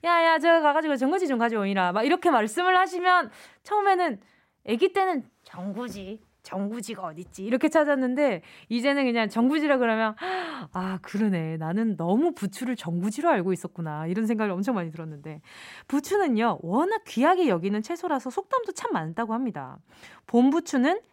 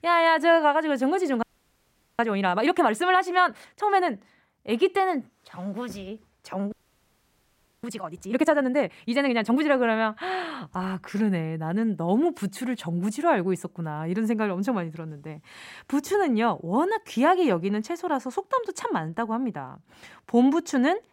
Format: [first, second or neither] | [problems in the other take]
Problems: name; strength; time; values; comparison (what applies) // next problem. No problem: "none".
first | audio freezing; at 1.5 s for 1 s and at 6.5 s for 1 s